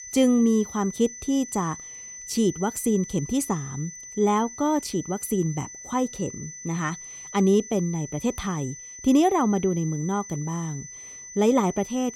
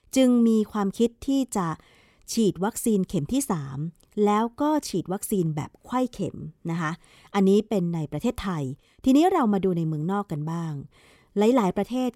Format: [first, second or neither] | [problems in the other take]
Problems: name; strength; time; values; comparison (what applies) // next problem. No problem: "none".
second | high-pitched whine; noticeable; throughout; 6 kHz, 15 dB below the speech